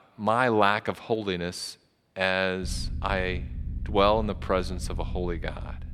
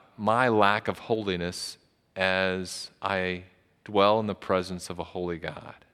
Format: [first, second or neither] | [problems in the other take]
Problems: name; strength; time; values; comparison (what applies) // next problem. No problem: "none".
second | low rumble; faint; from 2.5 s on; 25 dB below the speech